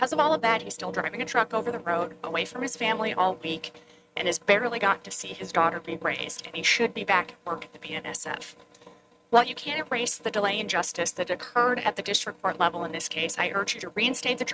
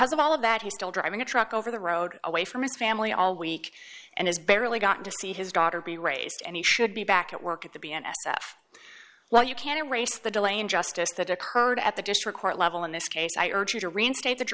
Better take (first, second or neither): second